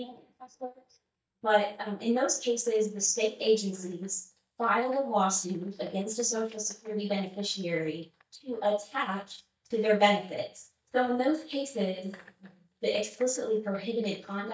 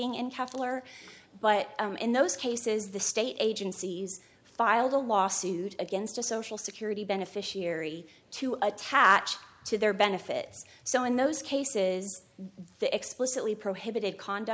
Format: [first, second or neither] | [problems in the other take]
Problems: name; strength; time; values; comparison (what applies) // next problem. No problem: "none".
second | noise reduction (neural mask model DeepFilterNet 3)